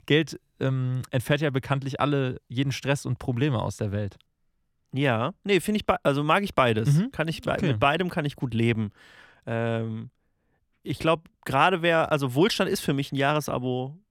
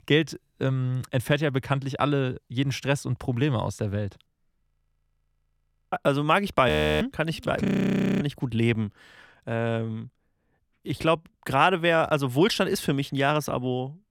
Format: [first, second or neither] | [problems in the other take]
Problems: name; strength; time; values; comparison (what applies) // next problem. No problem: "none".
first | audio freezing; at 4.5 s for 1.5 s, at 6.5 s and at 7.5 s for 0.5 s